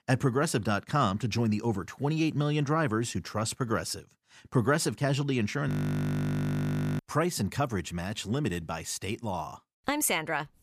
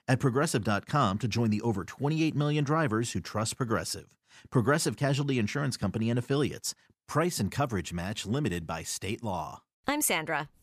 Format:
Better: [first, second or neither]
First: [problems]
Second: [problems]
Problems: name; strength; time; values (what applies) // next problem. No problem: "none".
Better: second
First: audio freezing; at 5.5 s for 1.5 s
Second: none